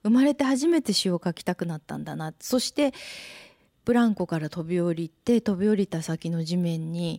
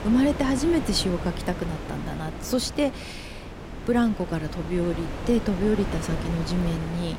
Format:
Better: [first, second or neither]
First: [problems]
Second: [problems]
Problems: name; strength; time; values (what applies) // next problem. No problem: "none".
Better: first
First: none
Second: wind noise on the microphone; heavy; 8 dB below the speech